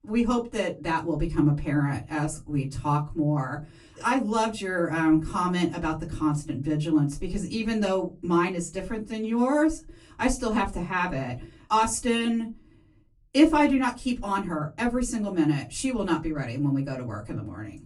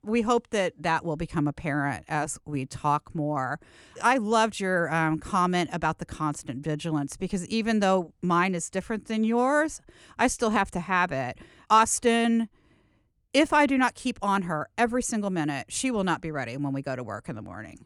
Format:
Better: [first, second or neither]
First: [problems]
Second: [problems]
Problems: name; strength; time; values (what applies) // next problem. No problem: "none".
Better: second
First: off-mic speech; far // room echo; very slight; dies away in 0.2 s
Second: none